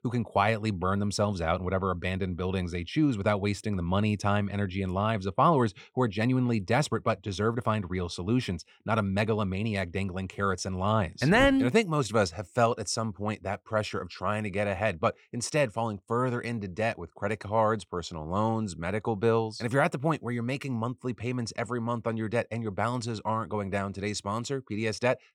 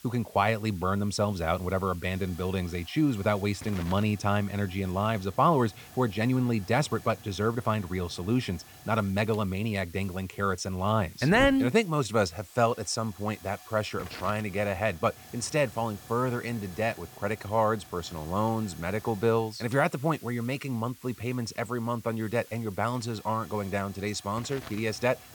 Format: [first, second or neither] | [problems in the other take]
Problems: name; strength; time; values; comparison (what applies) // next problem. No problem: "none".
first | hiss; noticeable; throughout; 20 dB below the speech